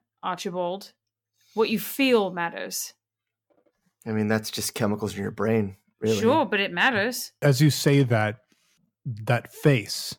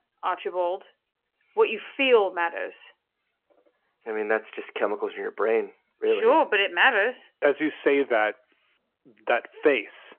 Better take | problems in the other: first | phone-call audio; nothing above 3 kHz

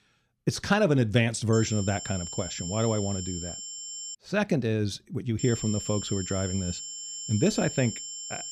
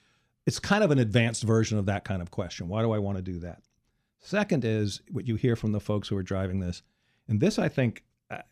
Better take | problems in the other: second | high-pitched whine; loud; from 1.5 to 4 s and from 5.5 s on; 7.5 kHz, 7 dB below the speech

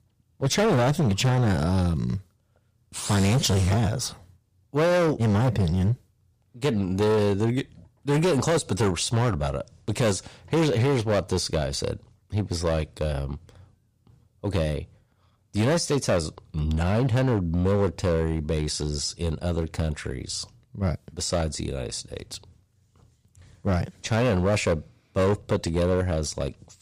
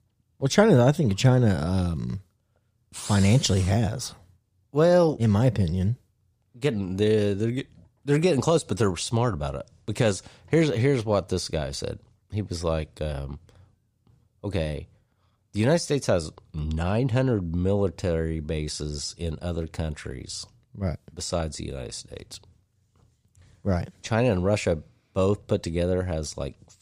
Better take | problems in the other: second | distortion; heavy; 11% of the sound clipped

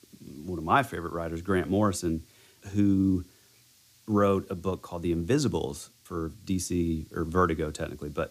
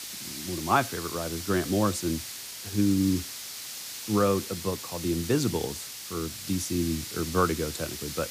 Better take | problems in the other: first | hiss; loud; throughout; 7 dB below the speech; faint in the first

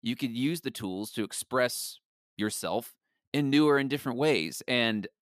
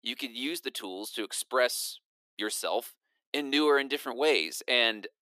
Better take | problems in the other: first | thin; somewhat; fading below 350 Hz

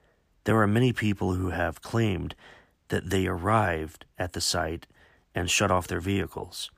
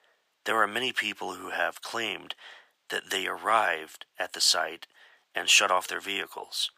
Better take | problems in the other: first | thin; very; fading below 700 Hz

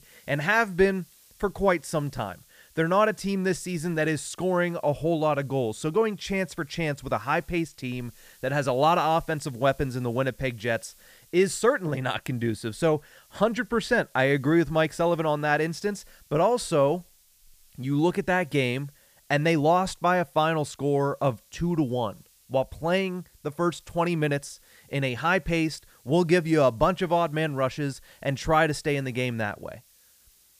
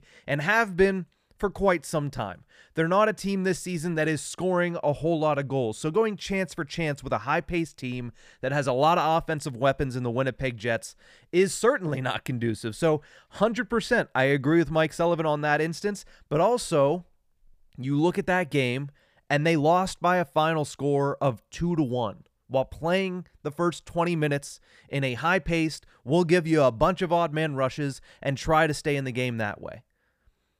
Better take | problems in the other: second | hiss; faint; throughout; 30 dB below the speech

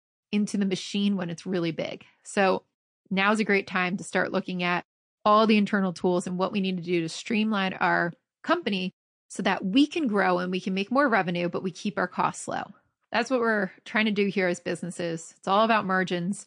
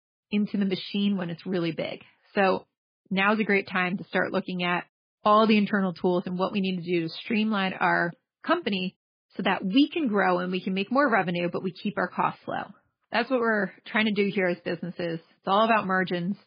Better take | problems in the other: first | garbled, watery; badly; nothing above 4.5 kHz; slightly in the first

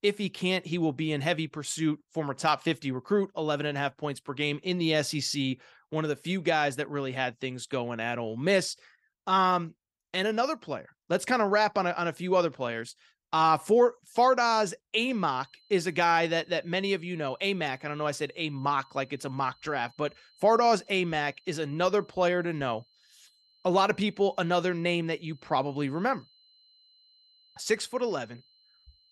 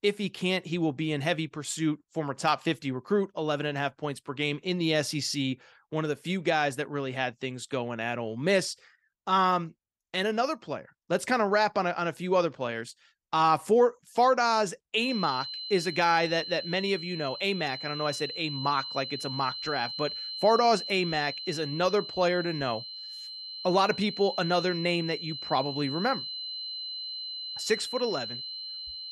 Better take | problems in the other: first | high-pitched whine; loud; from 15 s on; 4 kHz, 7 dB below the speech; faint in the first

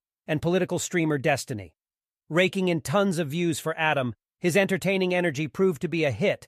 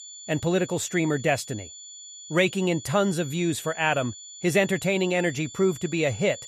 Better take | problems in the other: first | high-pitched whine; noticeable; throughout; 7 kHz, 15 dB below the speech

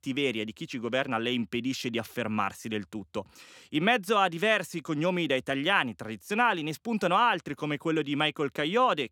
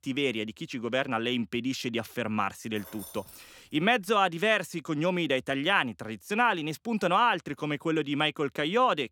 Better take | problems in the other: first | jangling keys; faint; at 3 s; peak 15 dB below the speech

